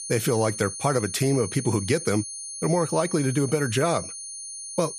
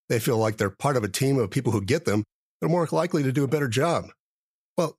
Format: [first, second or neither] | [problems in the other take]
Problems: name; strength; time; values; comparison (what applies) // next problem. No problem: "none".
second | high-pitched whine; loud; throughout; 9.5 kHz, 8 dB below the speech